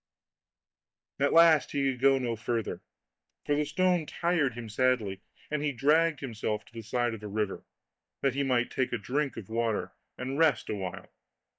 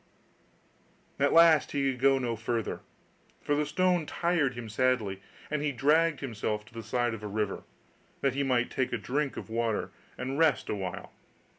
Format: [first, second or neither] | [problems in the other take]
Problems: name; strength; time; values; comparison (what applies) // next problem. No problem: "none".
second | noise reduction (neural mask model DeepFilterNet 3)